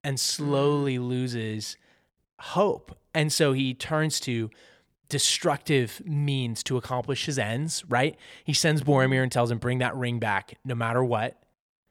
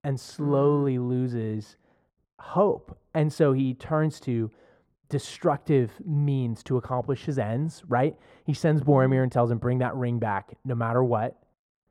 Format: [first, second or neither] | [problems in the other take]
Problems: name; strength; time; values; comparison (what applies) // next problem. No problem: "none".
first | muffled; very; fading above 1.5 kHz